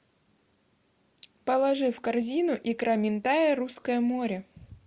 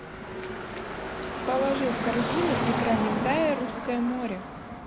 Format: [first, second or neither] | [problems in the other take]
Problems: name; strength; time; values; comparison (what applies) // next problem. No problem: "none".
first | background sound (Car passing by / Traffic noise, roadway noise); 1 dB below the speech